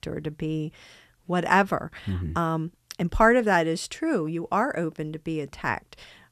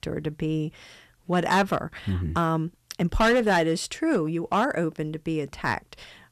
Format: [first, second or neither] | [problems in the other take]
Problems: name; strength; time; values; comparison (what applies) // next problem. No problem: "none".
first | distortion; slight; 4% of the sound clipped